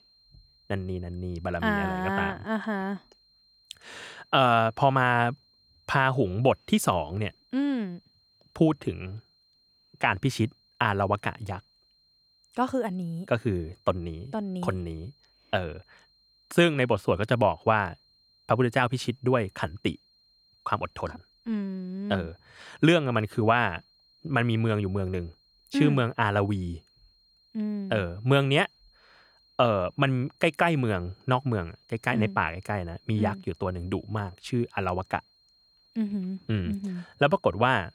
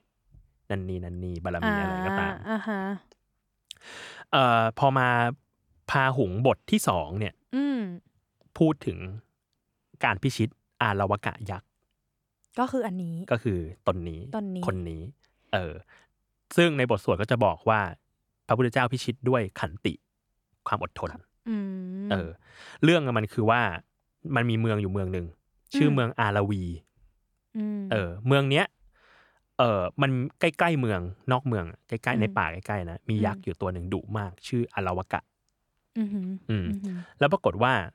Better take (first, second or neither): second